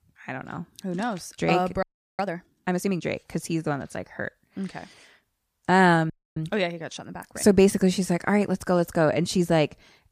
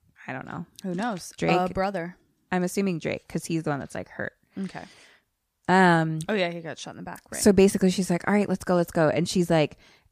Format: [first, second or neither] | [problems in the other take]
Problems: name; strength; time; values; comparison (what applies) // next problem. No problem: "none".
second | audio freezing; at 2 s and at 6 s